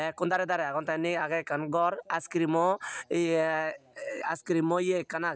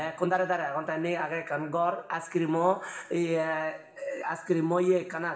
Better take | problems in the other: first | room echo; dies away in 1.1 s

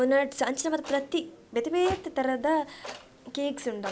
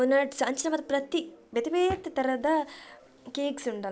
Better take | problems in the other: second | background sound (Clock); 18 dB below the speech

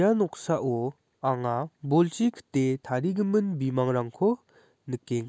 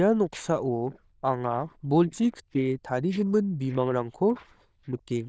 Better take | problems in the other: first | noise reduction (neural diffusion model UNIVERSE++)

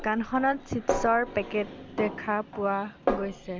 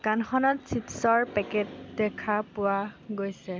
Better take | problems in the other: second | background sound (Snare drum); 6 dB below the speech

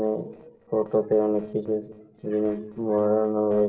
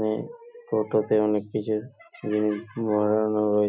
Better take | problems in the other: second | noise reduction (neural separator model SepFormer DNS4)

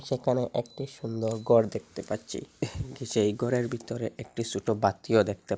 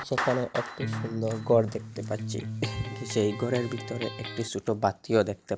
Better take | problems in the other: first | background sound (Electric guitar + Clapping); 7 dB below the speech

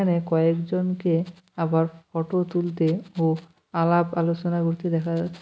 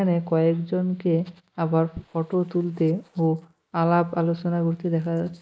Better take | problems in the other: first | noise reduction (neural mask model Resemble Enhance denoiser)

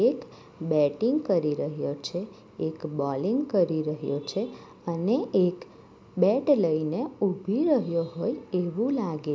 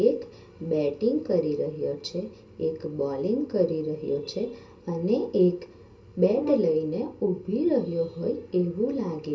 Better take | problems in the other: first | background sound (Brass instrument); 10 dB below the speech // room echo; dies away in 0.2 s

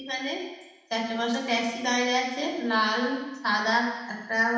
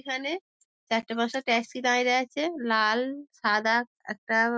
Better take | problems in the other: second | room echo; dies away in 1.1 s

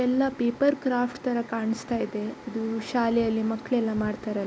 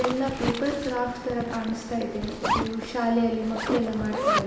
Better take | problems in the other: first | background sound (Zipper (clothing)); 3 dB below the speech // room echo; dies away in 0.9 s

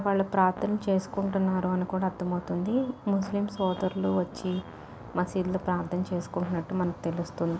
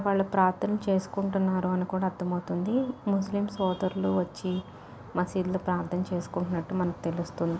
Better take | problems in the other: second | background sound (Fart); 19 dB below the speech

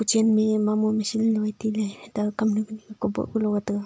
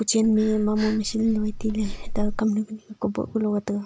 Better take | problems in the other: first | background sound (Breathing); 5 dB below the speech

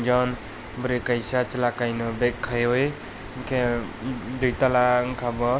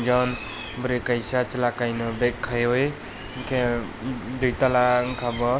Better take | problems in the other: first | background sound (Livestock, farm animals, working animals); 19 dB below the speech

